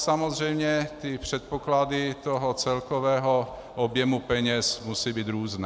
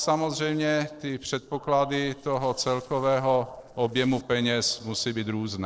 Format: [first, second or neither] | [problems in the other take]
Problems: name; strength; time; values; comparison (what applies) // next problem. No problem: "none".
first | noise reduction (neural separator model SepFormer DNS4)